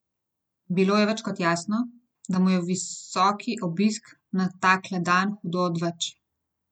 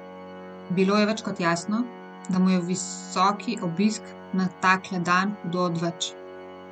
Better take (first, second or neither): first